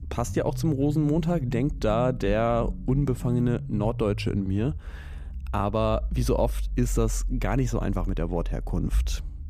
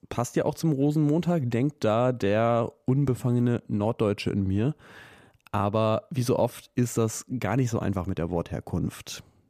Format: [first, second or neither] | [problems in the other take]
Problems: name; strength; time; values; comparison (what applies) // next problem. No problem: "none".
second | low rumble; noticeable; throughout; 20 dB below the speech